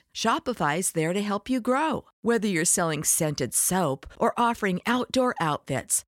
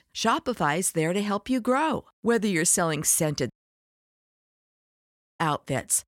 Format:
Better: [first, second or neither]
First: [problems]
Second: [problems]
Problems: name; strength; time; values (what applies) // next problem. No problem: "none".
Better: first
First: none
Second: audio cutting out; at 3.5 s for 2 s